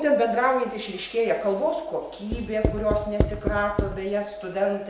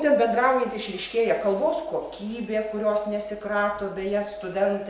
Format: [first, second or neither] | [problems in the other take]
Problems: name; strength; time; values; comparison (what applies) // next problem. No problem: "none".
second | background sound (Writing); 2 dB below the speech